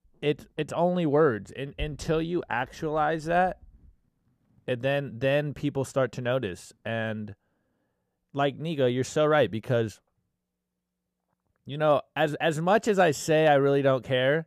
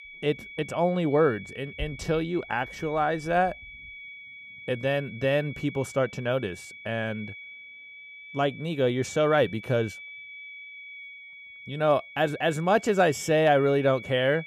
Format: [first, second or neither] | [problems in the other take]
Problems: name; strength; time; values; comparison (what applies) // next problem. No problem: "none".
first | high-pitched whine; noticeable; throughout; 2.5 kHz, 15 dB below the speech